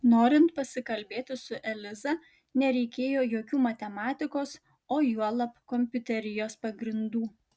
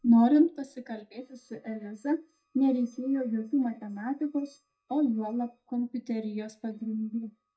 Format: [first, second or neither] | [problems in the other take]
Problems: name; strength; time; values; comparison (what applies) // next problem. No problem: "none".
first | noise reduction (neural mask model DeepFilterNet 3)